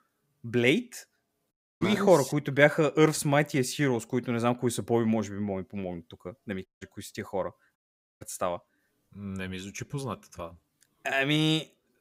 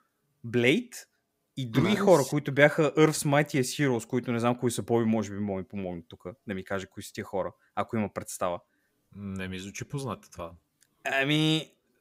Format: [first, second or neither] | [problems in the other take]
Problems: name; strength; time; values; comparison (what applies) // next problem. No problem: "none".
second | audio cutting out; at 1.5 s, at 6.5 s and at 8 s